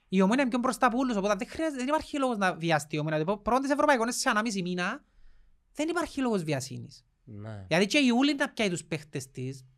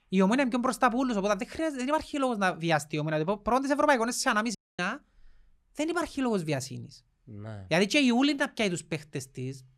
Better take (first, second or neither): first